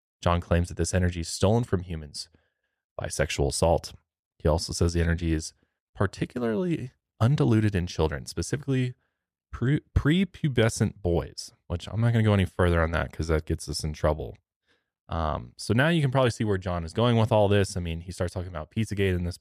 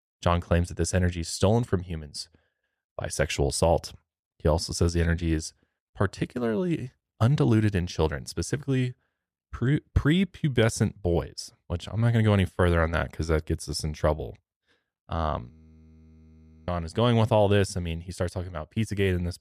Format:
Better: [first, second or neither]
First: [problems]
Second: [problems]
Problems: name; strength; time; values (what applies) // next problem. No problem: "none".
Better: first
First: none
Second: audio freezing; at 16 s for 1 s